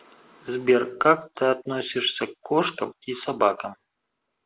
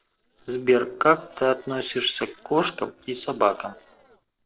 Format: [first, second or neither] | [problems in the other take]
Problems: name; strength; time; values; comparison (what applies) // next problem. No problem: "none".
first | noise reduction (neural separator model SepFormer DNS4)